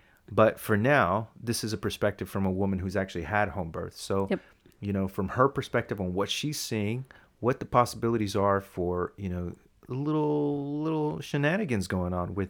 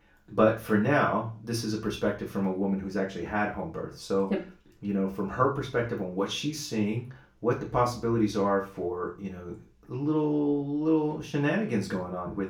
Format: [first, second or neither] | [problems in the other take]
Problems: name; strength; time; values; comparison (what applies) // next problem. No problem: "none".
first | room echo; slight; dies away in 0.3 s // off-mic speech; far